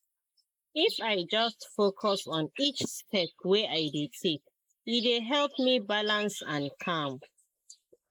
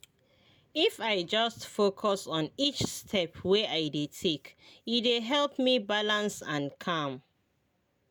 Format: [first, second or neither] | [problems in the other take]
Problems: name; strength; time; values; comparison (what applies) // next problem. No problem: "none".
second | noise reduction (neural mask model Resemble Enhance denoiser)